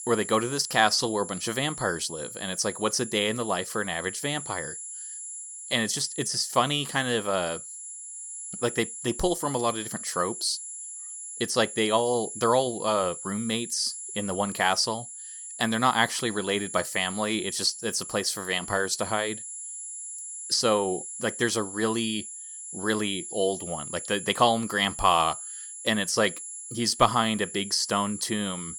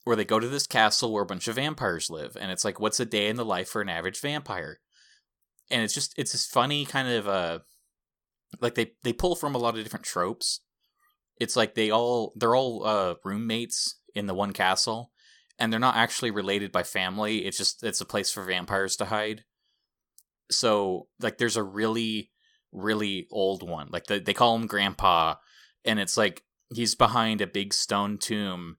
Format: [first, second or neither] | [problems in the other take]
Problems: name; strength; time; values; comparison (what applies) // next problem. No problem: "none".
second | high-pitched whine; loud; throughout; 10 kHz, 9 dB below the speech